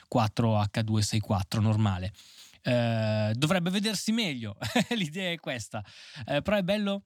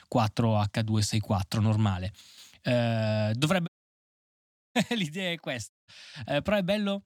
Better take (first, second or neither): first